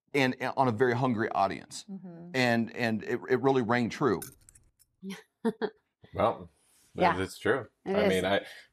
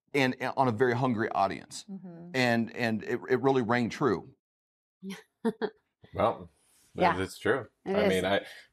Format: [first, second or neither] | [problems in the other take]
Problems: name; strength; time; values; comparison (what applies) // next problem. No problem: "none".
second | jangling keys; faint; at 4 s; peak 15 dB below the speech